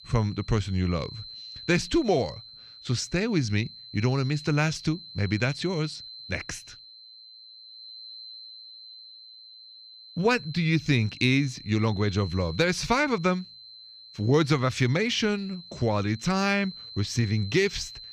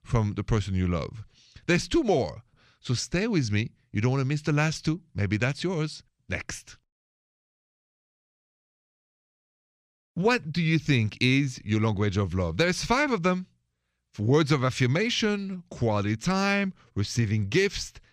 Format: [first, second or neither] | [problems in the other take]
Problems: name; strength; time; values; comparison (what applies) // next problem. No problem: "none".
second | high-pitched whine; noticeable; throughout; 4 kHz, 15 dB below the speech